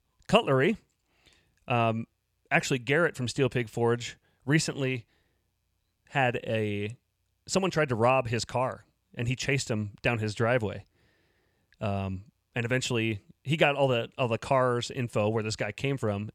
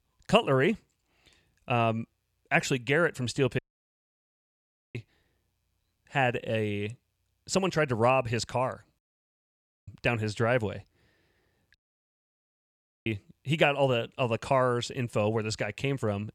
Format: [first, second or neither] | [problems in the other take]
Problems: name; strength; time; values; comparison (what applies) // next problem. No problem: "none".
first | audio cutting out; at 3.5 s for 1.5 s, at 9 s for 1 s and at 12 s for 1.5 s